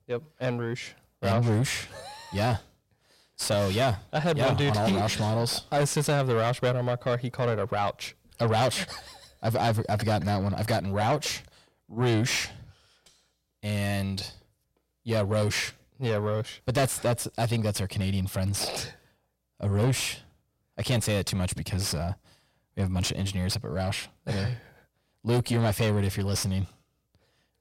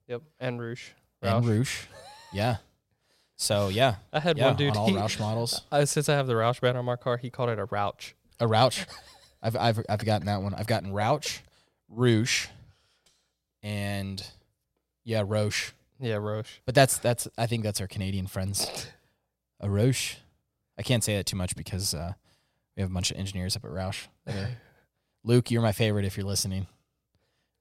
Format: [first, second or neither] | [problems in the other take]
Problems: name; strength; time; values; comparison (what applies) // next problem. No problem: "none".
second | distortion; heavy; 7 dB below the speech